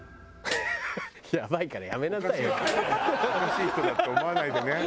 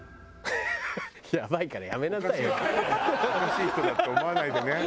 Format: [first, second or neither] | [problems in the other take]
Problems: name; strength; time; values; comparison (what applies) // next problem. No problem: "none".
second | background sound (Snare drum); 14 dB below the speech